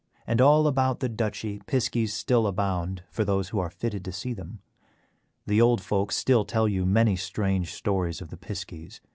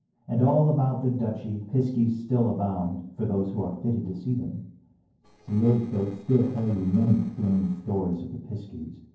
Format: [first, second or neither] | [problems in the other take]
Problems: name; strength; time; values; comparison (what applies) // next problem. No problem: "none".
first | noise reduction (neural separator model SepFormer DNS4)